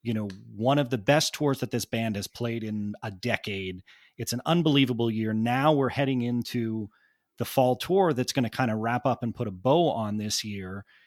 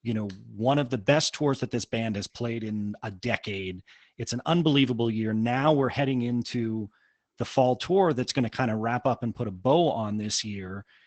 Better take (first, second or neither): first